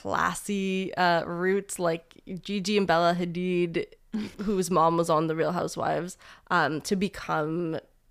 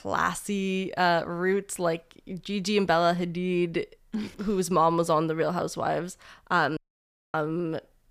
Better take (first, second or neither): first